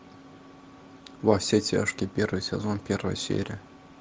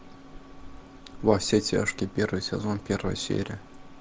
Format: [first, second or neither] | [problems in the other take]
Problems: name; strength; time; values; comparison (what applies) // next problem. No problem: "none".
first | background sound (Dog); 16 dB below the speech